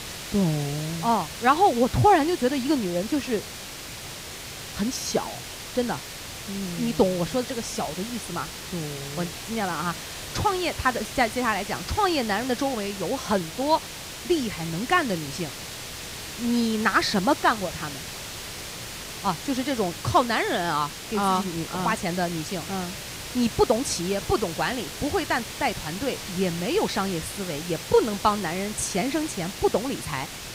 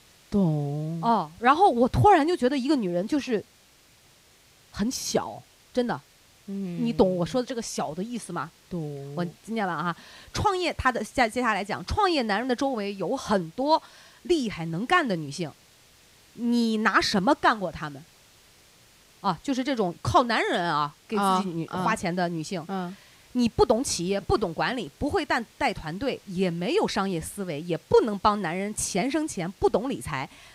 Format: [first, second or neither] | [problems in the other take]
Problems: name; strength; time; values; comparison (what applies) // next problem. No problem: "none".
second | hiss; loud; throughout; 9 dB below the speech; faint in the second